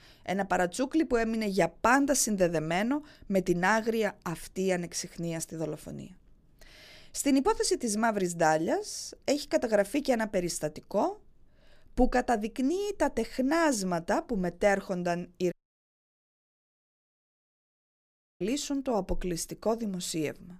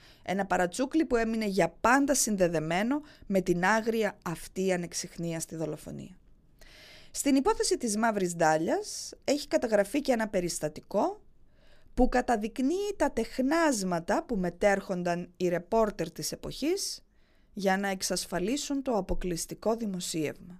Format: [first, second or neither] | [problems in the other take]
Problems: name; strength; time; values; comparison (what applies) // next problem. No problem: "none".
second | audio cutting out; at 16 s for 3 s